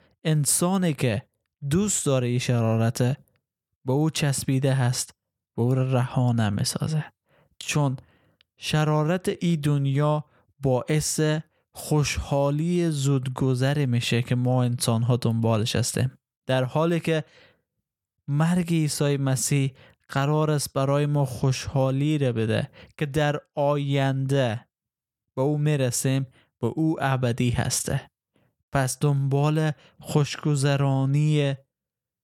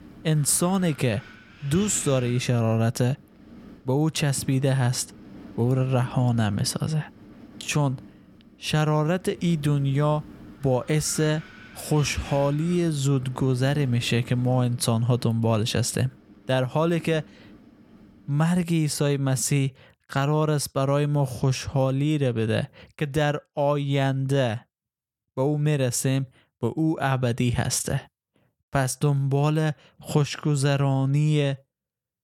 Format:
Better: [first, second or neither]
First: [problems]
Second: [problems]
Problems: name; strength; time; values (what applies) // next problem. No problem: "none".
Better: first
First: none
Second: wind noise on the microphone; occasional gusts; until 18 s; 20 dB below the speech